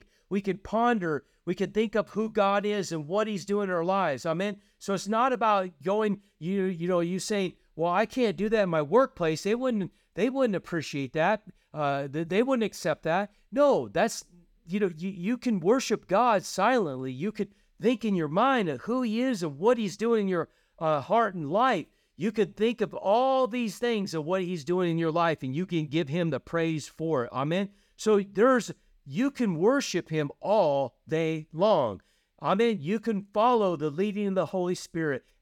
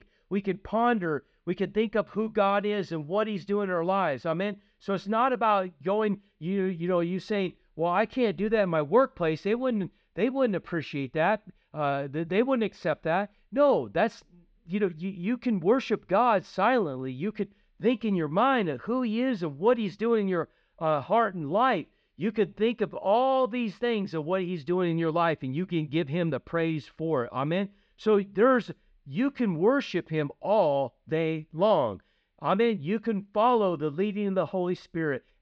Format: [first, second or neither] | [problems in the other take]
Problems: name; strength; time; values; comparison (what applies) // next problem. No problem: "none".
first | muffled; slightly; fading above 4 kHz